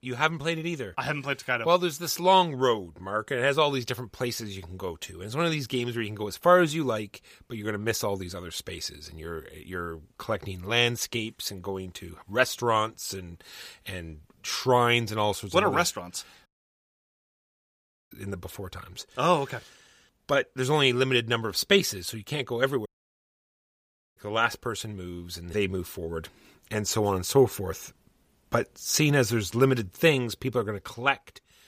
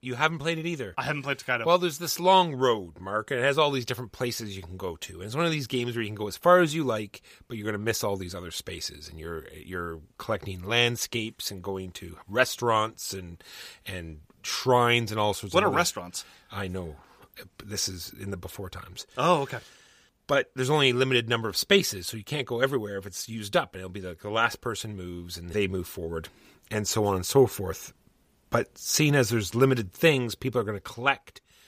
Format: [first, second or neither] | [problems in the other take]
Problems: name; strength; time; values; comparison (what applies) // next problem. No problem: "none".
second | audio cutting out; at 16 s for 1.5 s and at 23 s for 1.5 s